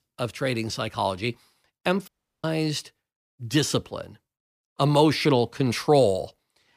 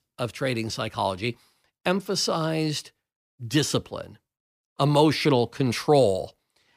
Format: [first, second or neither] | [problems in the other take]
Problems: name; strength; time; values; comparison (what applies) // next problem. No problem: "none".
second | audio cutting out; at 2 s